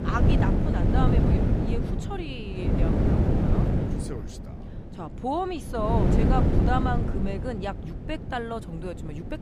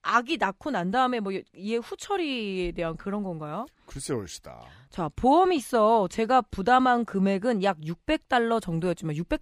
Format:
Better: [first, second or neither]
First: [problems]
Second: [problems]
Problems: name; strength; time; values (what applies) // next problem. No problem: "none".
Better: second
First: wind noise on the microphone; heavy; as loud as the speech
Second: none